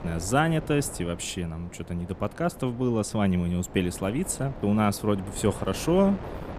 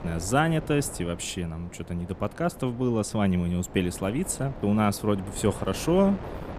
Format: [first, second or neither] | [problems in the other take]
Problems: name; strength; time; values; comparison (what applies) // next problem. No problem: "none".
neither | wind noise on the microphone; occasional gusts; 15 dB below the speech; the same in both